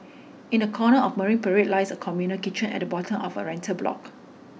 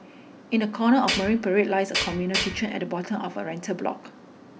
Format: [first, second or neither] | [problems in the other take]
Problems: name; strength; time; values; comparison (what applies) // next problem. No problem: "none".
first | background sound (Tools); 3 dB below the speech